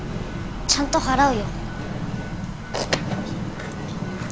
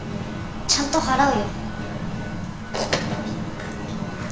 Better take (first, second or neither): first